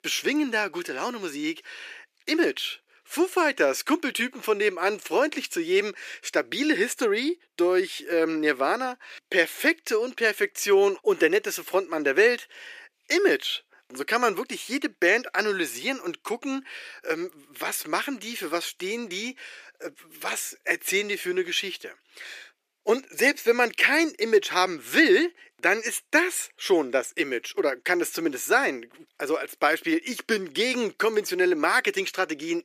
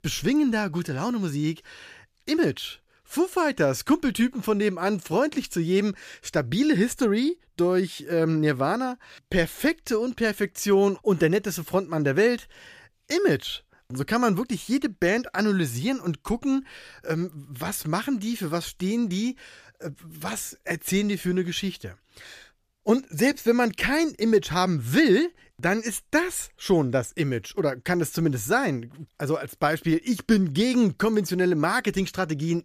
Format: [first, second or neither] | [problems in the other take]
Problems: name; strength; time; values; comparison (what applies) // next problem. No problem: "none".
second | thin; somewhat; fading below 350 Hz